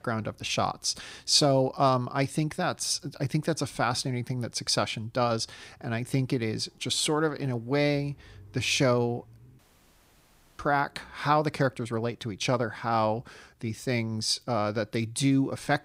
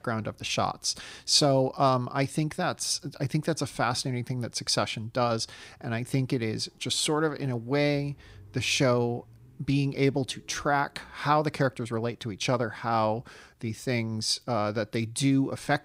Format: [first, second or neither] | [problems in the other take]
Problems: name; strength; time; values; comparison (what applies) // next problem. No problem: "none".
second | audio cutting out; at 9.5 s for 1 s